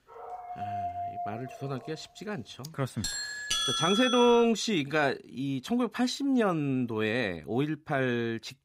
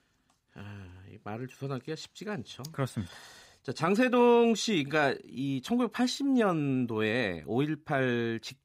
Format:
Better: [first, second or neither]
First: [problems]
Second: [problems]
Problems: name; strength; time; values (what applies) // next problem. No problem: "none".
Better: second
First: dog barking; noticeable; until 2 s; peak 6 dB below the speech // doorbell; loud; from 3 to 4.5 s; peak 2 dB above the speech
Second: none